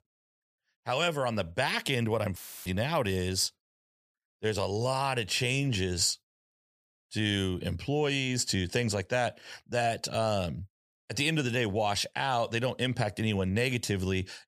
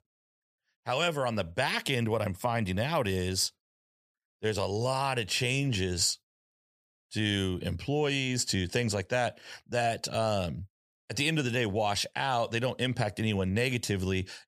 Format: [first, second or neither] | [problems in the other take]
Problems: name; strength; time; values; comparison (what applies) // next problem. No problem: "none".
second | audio cutting out; filled with static; at 2.5 s